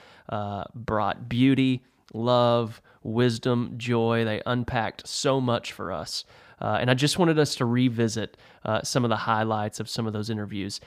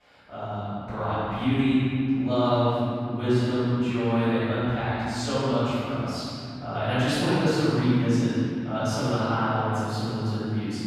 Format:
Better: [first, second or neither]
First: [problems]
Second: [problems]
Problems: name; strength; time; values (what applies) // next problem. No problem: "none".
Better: first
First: none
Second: off-mic speech; far // room echo; strong; dies away in 3 s